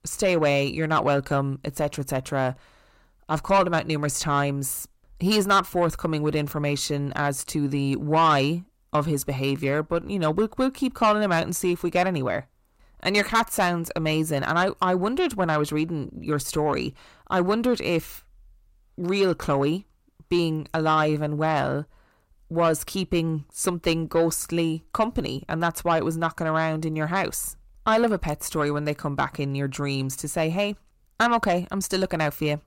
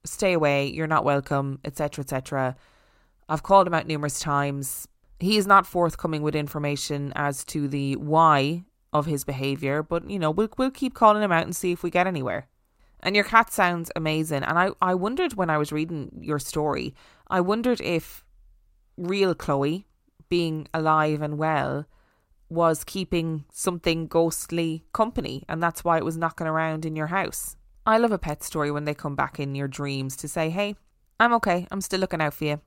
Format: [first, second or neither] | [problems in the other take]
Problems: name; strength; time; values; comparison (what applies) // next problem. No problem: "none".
second | distortion; slight; 10 dB below the speech